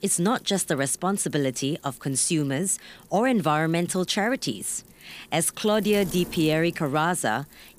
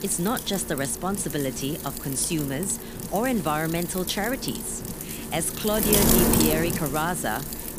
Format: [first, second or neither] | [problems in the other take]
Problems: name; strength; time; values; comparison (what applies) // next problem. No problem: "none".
first | wind noise on the microphone; heavy; 3 dB below the speech; occasional gusts in the first